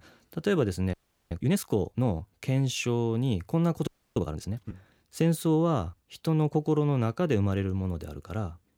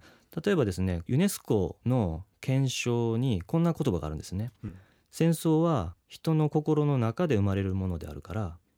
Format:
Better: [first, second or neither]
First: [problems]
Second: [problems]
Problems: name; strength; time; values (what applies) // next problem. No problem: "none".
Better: second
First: audio freezing; at 1 s and at 4 s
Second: none